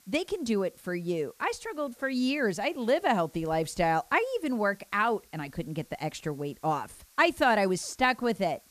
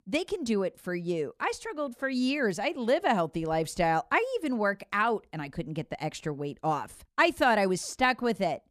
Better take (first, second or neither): second